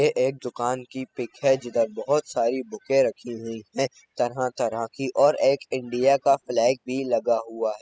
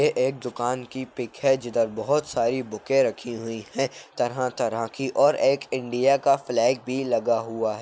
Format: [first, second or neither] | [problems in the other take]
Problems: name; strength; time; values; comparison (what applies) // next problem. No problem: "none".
second | noise reduction (classical method spectral subtraction)